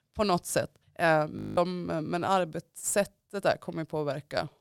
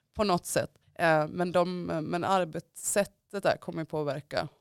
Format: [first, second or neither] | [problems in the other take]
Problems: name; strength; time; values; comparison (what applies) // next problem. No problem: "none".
second | audio freezing; at 1.5 s